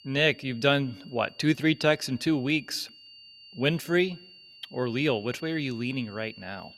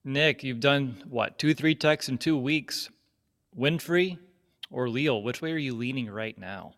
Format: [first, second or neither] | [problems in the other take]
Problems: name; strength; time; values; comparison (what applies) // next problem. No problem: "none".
second | high-pitched whine; faint; throughout; 4.5 kHz, 20 dB below the speech